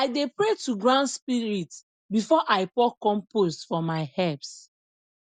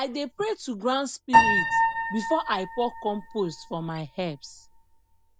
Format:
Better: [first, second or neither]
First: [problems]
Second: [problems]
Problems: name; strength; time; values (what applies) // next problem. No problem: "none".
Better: first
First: none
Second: background sound (Piano); 2 dB above the speech